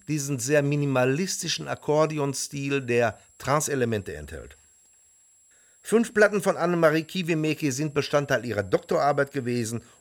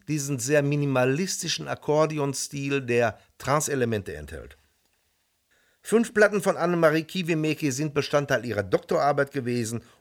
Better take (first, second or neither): second